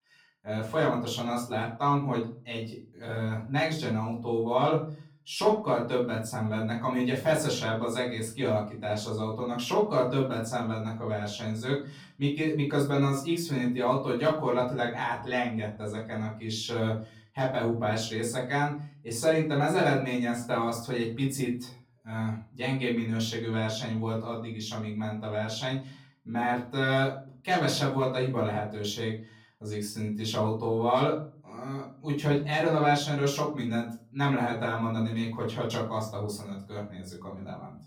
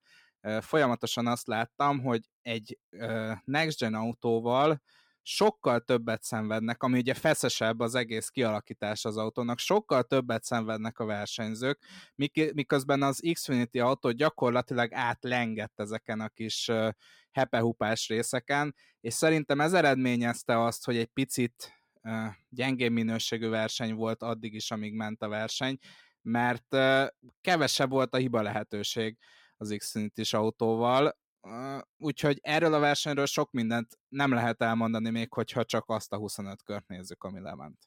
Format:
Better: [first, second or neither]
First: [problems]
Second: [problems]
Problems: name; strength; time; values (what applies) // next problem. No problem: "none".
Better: second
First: room echo; slight; dies away in 0.4 s // off-mic speech; far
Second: none